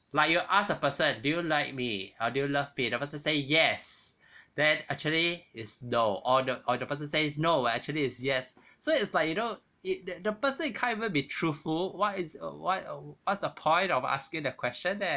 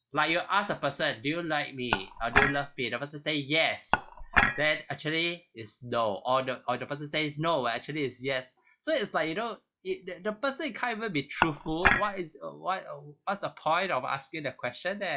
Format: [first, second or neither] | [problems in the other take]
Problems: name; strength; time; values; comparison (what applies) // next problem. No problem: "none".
first | noise reduction (classical method log-MMSE)